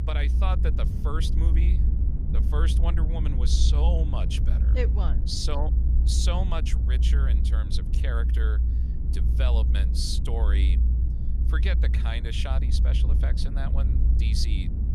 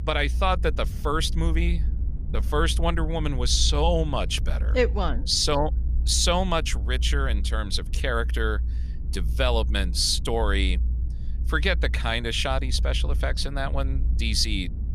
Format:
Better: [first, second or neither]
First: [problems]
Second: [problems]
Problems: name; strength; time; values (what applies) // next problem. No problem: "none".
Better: second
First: low rumble; loud; throughout; 7 dB below the speech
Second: low rumble; faint; throughout; 20 dB below the speech